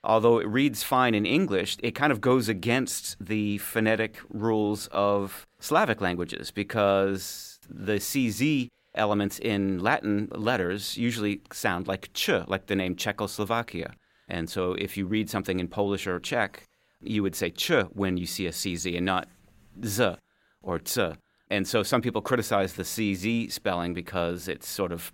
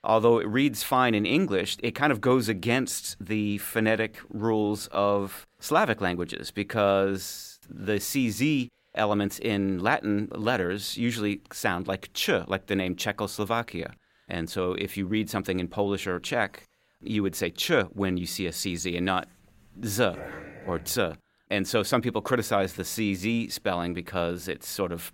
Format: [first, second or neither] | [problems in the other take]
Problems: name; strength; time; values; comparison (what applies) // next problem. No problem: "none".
first | dog barking; faint; at 20 s; peak 10 dB below the speech